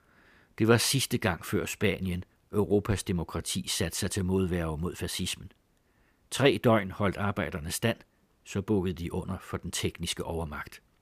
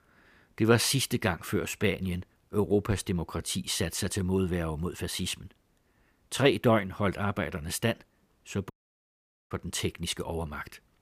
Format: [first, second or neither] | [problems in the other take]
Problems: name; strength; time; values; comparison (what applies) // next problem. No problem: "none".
first | audio cutting out; at 8.5 s for 1 s